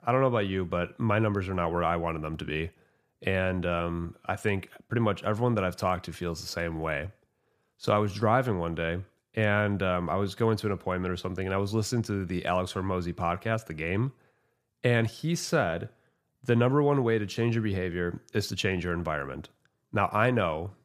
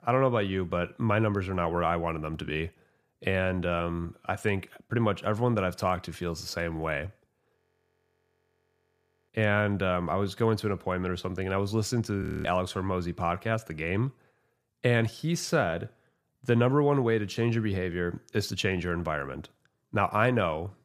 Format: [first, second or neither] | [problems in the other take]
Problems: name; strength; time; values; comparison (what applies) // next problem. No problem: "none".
first | audio freezing; at 7.5 s for 1.5 s and at 12 s